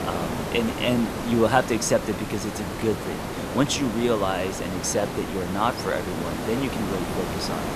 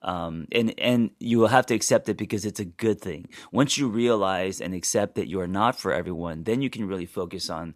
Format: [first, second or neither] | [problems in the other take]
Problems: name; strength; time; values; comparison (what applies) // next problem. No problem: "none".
second | hiss; loud; throughout; 5 dB below the speech